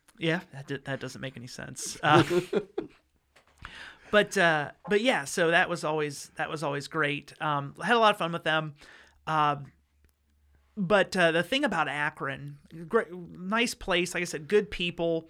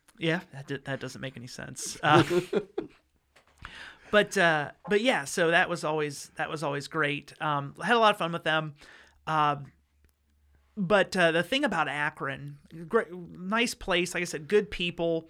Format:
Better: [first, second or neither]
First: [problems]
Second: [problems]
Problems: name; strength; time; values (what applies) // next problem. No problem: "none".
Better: neither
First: none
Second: none